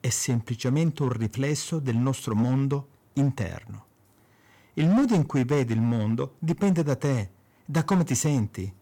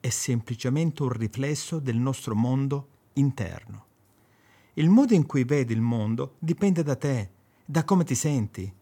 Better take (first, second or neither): second